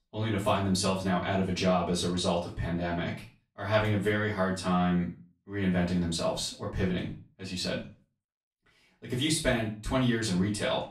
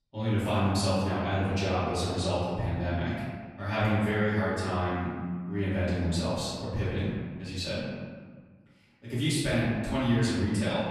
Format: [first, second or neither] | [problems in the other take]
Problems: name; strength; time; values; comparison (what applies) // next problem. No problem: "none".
first | room echo; strong; dies away in 1.5 s; slight in the first // off-mic speech; far; far in the first